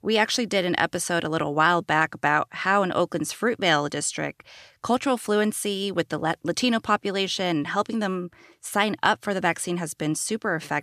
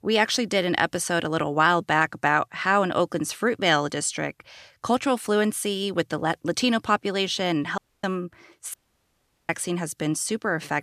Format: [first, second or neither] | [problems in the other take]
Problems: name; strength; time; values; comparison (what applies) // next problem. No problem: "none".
first | audio cutting out; at 8 s and at 8.5 s for 1 s